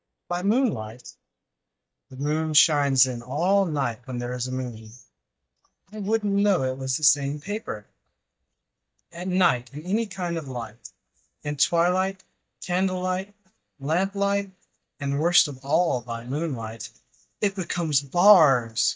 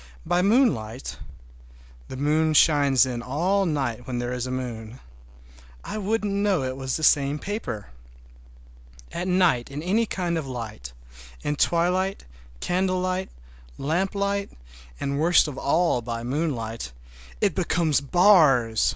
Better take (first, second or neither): second